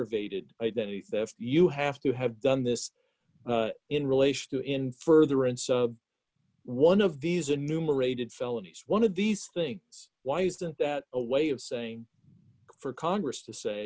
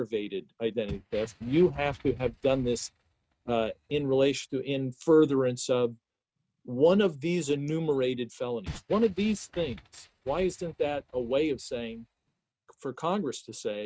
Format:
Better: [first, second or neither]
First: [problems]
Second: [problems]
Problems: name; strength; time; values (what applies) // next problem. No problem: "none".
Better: first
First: none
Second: noise reduction (neural mask model RNNoise)